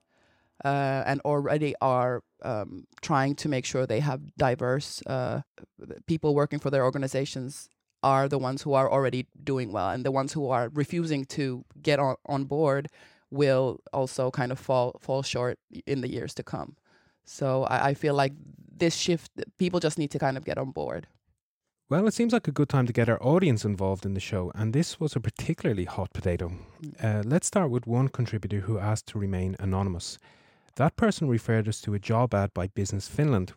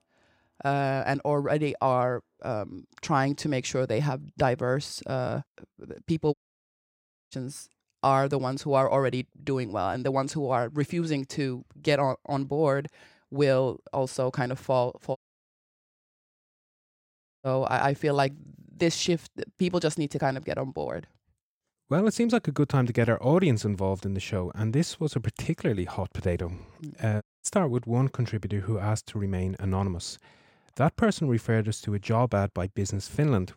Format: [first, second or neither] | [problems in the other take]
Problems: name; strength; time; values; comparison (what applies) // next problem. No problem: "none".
first | audio cutting out; at 6.5 s for 1 s, at 15 s for 2.5 s and at 27 s